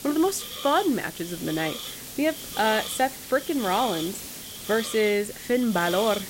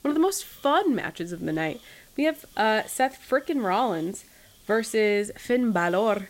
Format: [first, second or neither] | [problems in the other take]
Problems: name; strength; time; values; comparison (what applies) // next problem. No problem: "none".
second | hiss; loud; throughout; 9 dB below the speech; faint in the second